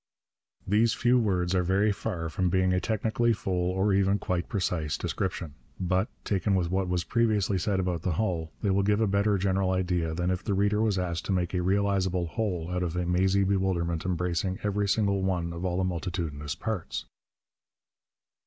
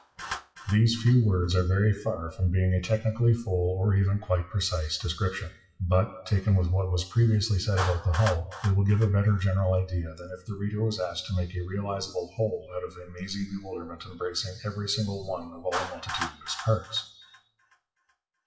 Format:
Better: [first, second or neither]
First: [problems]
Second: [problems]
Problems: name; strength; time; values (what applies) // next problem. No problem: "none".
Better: first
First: none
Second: noise reduction (classical method WPE with log-MMSE)